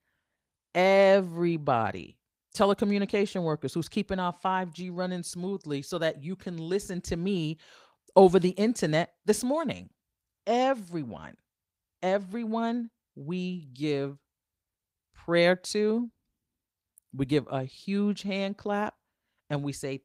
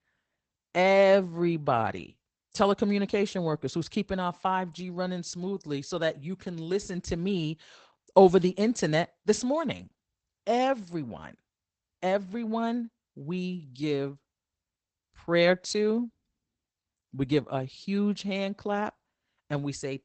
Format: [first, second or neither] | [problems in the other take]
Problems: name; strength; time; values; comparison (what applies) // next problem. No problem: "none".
first | garbled, watery; badly; nothing above 8 kHz; slightly in the first